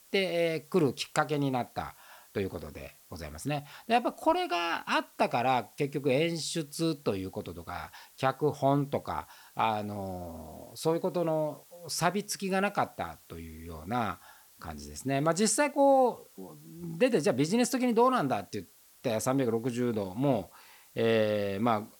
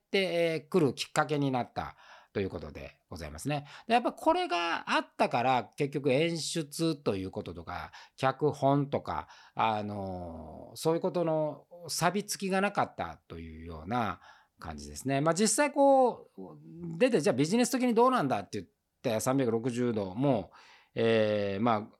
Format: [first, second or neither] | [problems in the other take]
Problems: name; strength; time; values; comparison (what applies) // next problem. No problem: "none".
second | hiss; faint; throughout; 25 dB below the speech